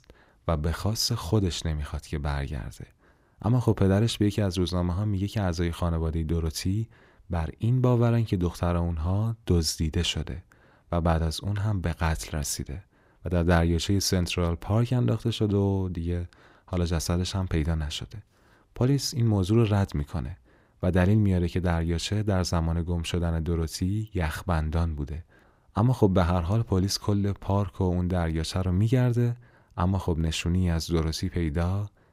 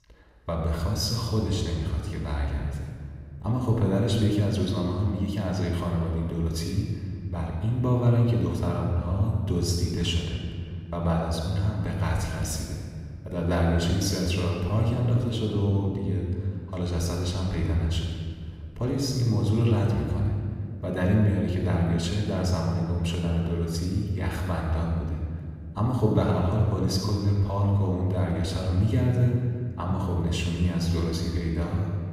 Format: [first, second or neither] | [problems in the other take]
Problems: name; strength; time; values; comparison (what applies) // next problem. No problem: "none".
first | off-mic speech; far // room echo; noticeable; dies away in 2 s